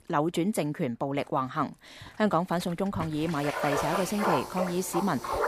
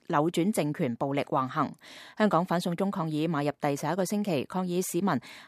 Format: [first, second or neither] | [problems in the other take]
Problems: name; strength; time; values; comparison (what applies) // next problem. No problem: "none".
second | household noises; loud; throughout; 3 dB below the speech